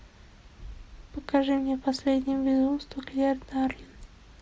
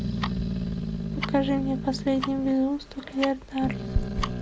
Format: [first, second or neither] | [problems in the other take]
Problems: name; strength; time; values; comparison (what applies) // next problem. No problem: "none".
first | background sound (Growling + Tick-tock); 2 dB below the speech